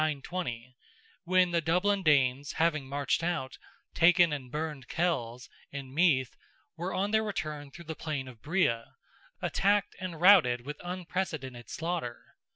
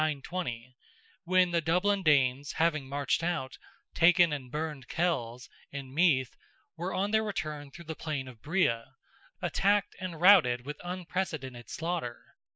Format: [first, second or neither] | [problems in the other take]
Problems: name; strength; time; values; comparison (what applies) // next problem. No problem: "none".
first | noise reduction (neural mask model Resemble Enhance denoiser)